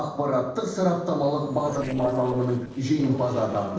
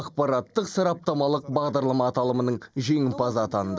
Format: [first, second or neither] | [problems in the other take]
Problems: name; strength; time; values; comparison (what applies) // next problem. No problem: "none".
second | noise reduction (neural separator model SepFormer DNS4)